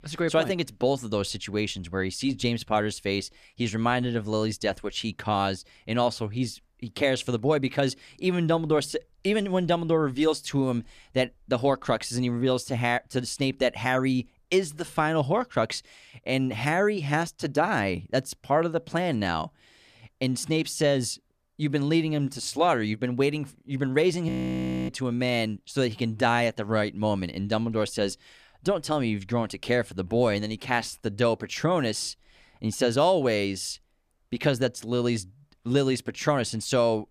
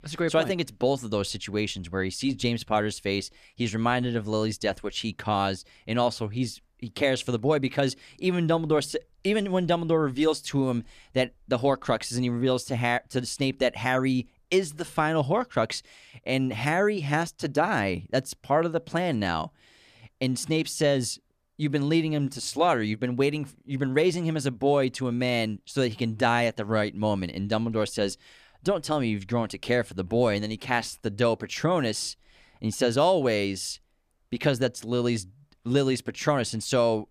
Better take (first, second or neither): second